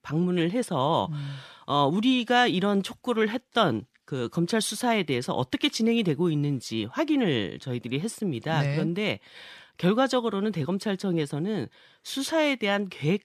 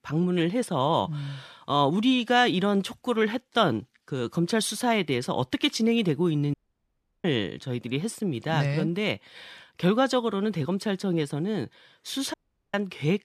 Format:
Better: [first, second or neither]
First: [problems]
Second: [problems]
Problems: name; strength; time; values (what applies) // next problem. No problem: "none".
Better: first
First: none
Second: audio cutting out; at 6.5 s for 0.5 s and at 12 s